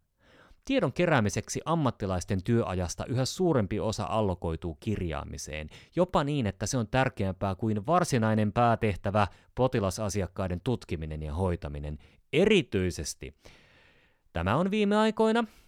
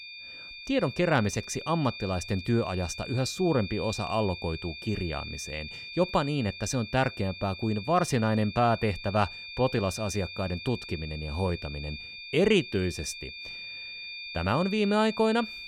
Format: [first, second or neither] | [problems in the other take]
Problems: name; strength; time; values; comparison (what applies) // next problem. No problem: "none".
first | high-pitched whine; noticeable; throughout; 2.5 kHz, 10 dB below the speech